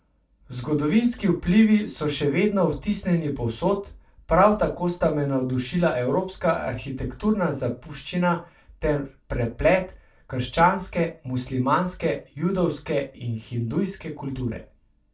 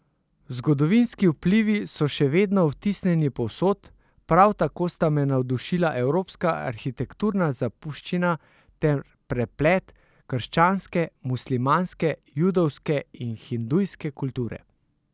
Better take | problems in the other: second | room echo; dies away in 0.2 s

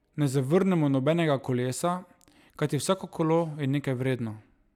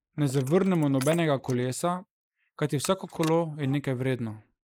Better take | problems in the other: first | noise reduction (neural mask model Resemble Enhance denoiser)

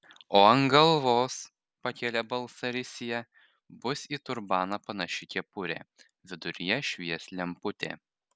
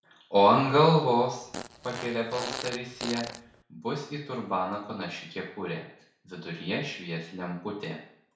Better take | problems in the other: first | background sound (Fart); 10 dB below the speech // room echo; dies away in 0.6 s

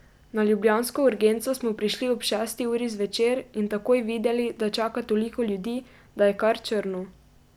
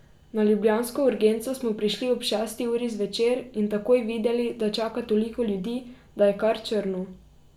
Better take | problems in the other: first | room echo; dies away in 0.4 s

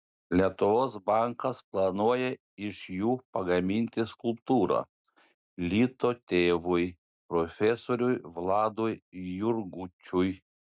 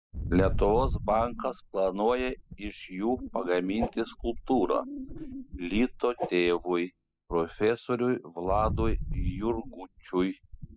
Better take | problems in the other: first | noise reduction (classical method spectral subtraction)

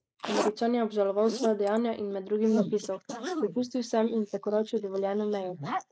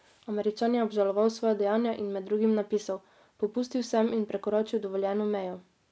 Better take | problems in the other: second | noise reduction (neural mask model Resemble Enhance denoiser)

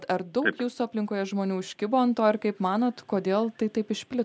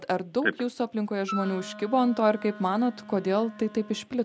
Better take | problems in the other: first | background sound (Wind instrument, woodwind instrument); 14 dB below the speech

